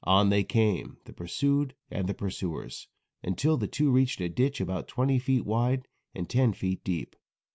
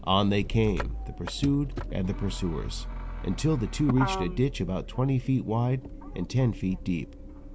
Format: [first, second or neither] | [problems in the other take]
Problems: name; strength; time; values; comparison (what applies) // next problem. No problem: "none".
first | background sound (Motor vehicle (road)); 7 dB below the speech